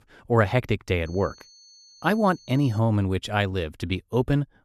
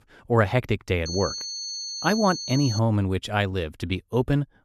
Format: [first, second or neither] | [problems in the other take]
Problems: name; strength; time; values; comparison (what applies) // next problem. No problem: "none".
first | high-pitched whine; loud; from 1 to 3 s; 4.5 kHz, 6 dB below the speech; faint in the first